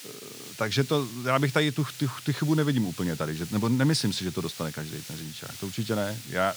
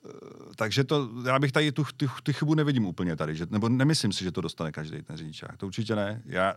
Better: second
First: hiss; noticeable; throughout; 15 dB below the speech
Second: none

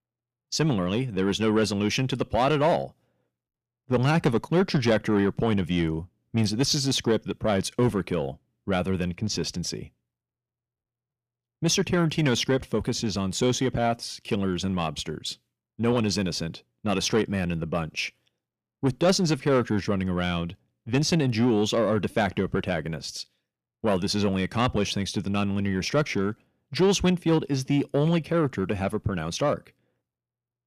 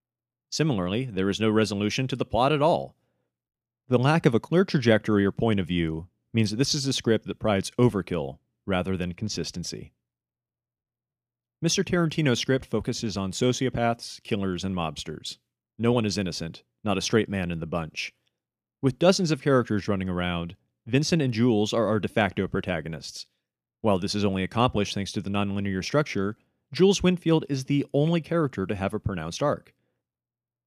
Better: second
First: distortion; slight; 10 dB below the speech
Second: none

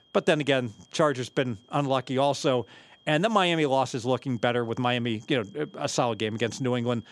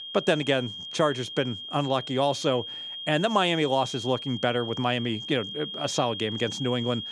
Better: first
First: high-pitched whine; faint; throughout; 3 kHz, 30 dB below the speech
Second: high-pitched whine; loud; throughout; 3 kHz, 8 dB below the speech

